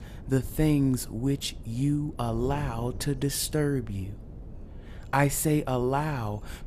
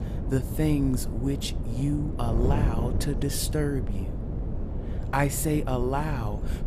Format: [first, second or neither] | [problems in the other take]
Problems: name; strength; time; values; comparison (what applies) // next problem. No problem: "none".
first | wind noise on the microphone; heavy; 9 dB below the speech; occasional gusts in the first